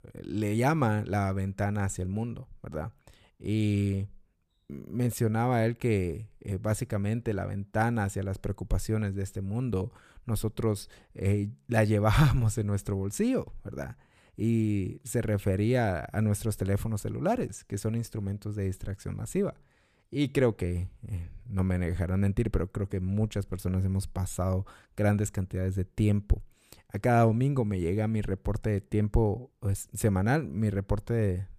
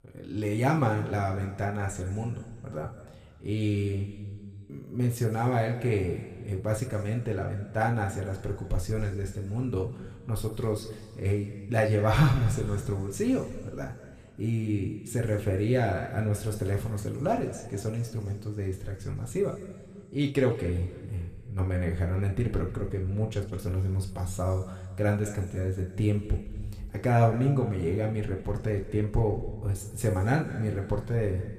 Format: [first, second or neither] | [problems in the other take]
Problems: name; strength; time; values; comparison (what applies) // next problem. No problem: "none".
first | room echo; slight; dies away in 1.8 s // off-mic speech; somewhat distant